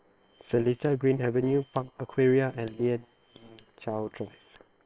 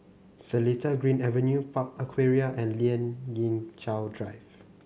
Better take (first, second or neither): second